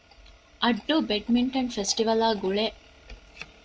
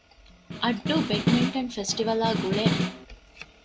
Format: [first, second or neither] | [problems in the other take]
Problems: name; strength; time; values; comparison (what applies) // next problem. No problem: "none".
first | background sound (Snare drum); as loud as the speech